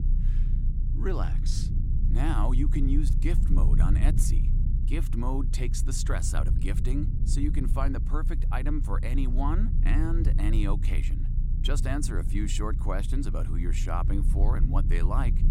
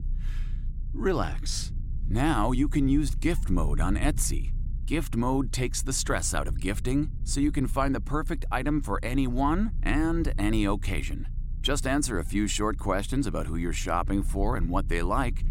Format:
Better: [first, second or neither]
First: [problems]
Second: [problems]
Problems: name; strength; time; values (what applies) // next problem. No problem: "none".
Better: second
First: low rumble; loud; throughout; 8 dB below the speech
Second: low rumble; faint; throughout; 25 dB below the speech